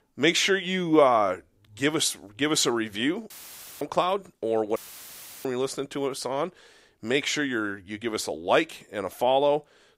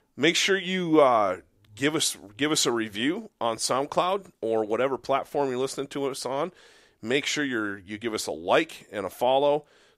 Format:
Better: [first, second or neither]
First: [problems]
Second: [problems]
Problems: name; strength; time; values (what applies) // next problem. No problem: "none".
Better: second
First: audio cutting out; filled with static; at 3.5 s for 0.5 s and at 5 s for 0.5 s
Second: none